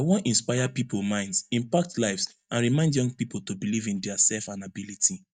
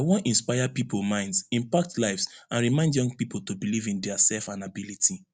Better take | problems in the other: second | noise reduction (neural mask model DeepFilterNet 3)

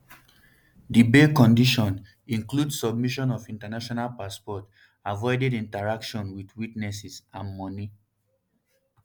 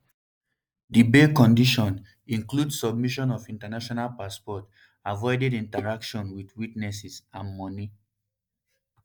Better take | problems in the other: first | noise reduction (neural mask model DeepFilterNet 3)

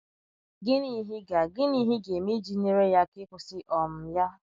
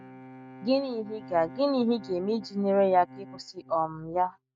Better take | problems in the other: first | noise reduction (neural mask model RNNoise)

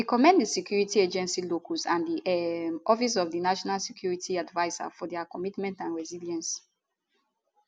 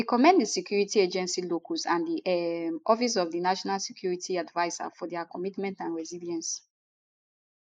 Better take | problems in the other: first | noise reduction (neural mask model Resemble Enhance denoiser)

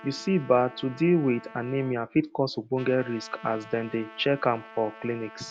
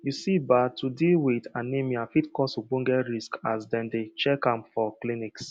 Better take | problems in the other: second | background sound (Trumpet); 20 dB below the speech

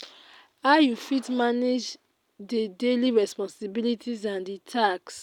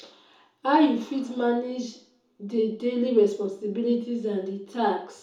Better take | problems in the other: first | room echo; dies away in 0.7 s

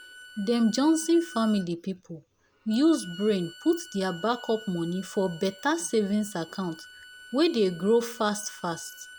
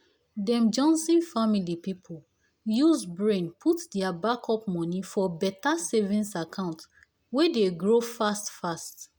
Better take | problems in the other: second | background sound (Bowed string instrument); 20 dB below the speech

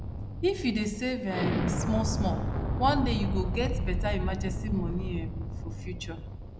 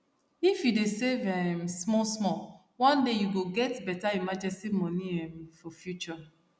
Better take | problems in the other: second | background sound (Explosion); 1 dB above the speech

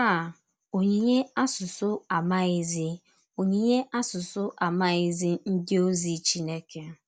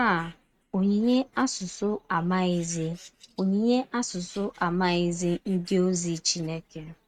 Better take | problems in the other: first | noise reduction (neural mask model RNNoise)

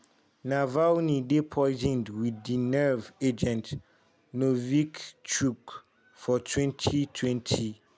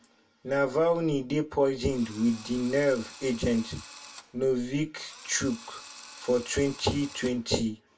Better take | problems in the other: first | background sound (Drill); 18 dB below the speech // room echo; dies away in 0.1 s

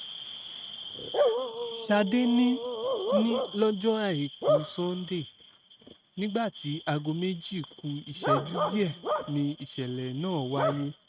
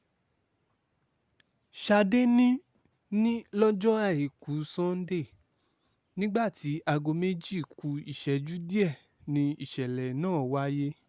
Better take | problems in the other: second | noise reduction (neural mask model RNNoise)

